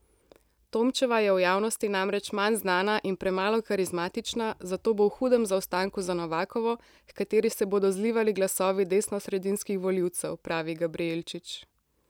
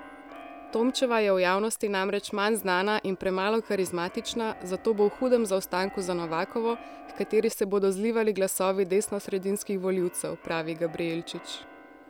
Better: first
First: none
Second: background sound (Keyboard (musical)); 20 dB below the speech

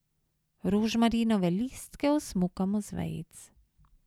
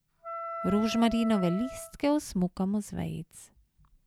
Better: first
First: none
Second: background sound (Wind instrument, woodwind instrument); 9 dB below the speech

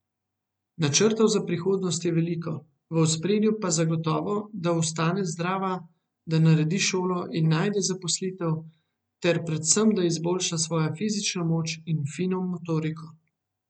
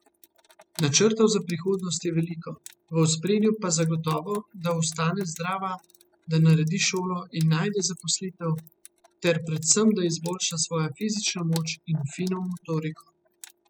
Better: first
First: none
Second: noise reduction (classical method spectral subtraction)

